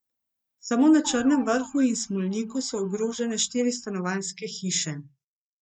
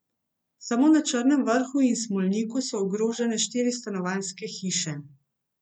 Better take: second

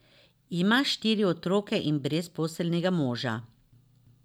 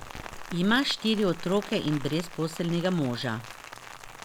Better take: first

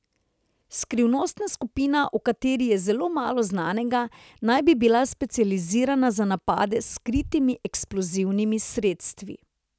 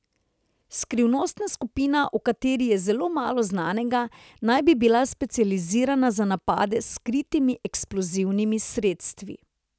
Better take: second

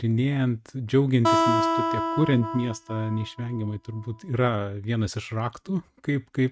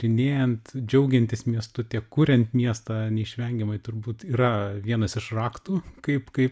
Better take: second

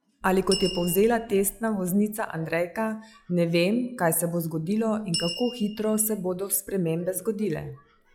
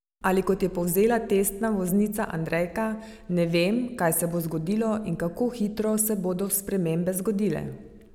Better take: second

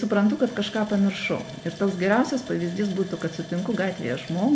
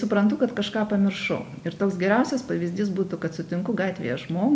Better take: second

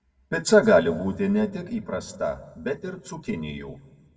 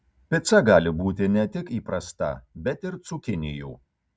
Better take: second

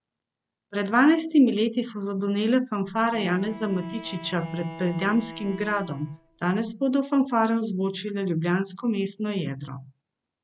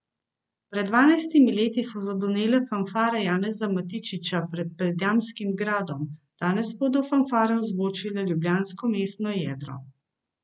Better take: second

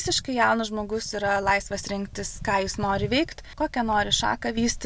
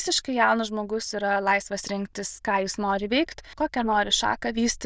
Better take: first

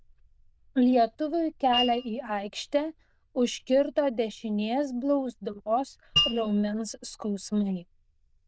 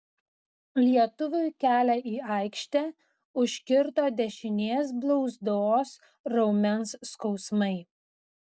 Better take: second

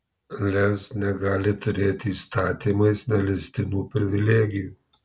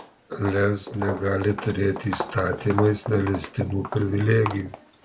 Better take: first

